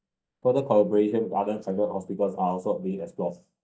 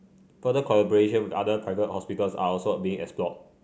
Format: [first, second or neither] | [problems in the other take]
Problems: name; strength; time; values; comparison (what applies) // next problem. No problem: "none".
second | noise reduction (neural mask model DeepFilterNet 3)